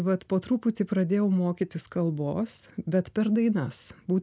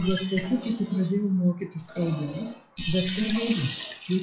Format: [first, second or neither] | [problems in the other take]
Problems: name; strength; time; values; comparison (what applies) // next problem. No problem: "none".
first | noise reduction (classical method WPE with log-MMSE)